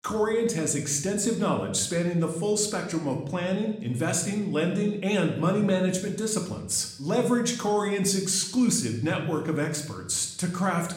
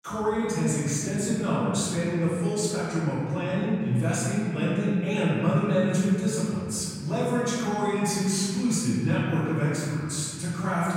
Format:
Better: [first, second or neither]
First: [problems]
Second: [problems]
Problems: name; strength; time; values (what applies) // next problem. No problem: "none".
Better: first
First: room echo; slight; dies away in 0.7 s // off-mic speech; somewhat distant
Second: room echo; strong; dies away in 2.5 s // off-mic speech; far